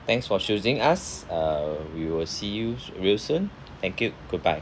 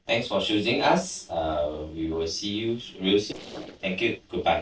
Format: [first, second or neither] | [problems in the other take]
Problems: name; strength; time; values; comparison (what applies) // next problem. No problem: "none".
first | noise reduction (neural separator model SepFormer DNS4)